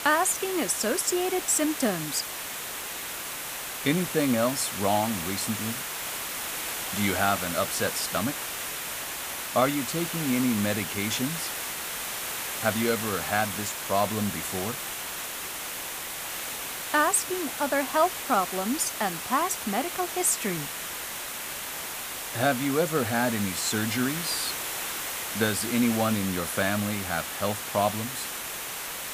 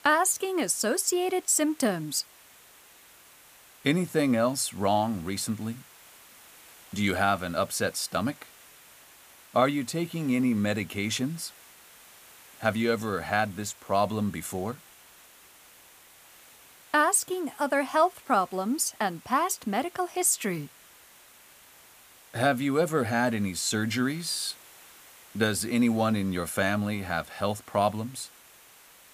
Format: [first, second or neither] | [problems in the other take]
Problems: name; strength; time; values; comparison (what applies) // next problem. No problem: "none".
second | hiss; loud; throughout; 4 dB below the speech; faint in the second